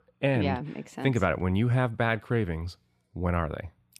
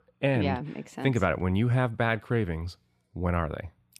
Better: neither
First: none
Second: none

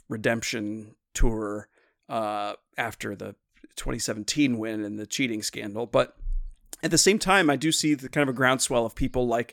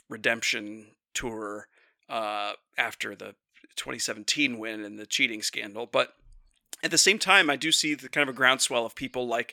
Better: first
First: none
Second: thin; very slightly; fading below 450 Hz

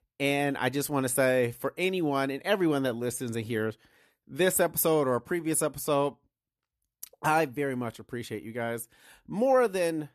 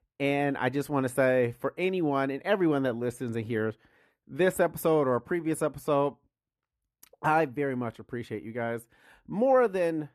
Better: first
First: none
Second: muffled; slightly; fading above 3 kHz

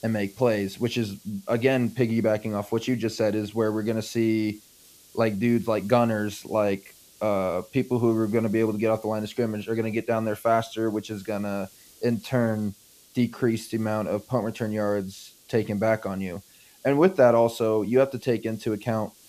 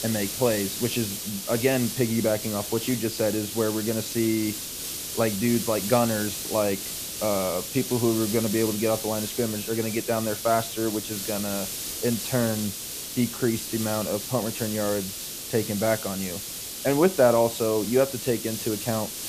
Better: first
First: hiss; faint; throughout; 25 dB below the speech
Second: hiss; loud; throughout; 5 dB below the speech

